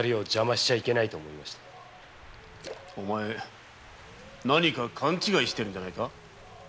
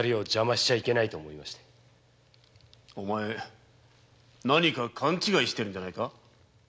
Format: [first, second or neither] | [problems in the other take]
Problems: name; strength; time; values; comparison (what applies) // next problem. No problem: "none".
second | background sound (Wind + Splash, splatter); 18 dB below the speech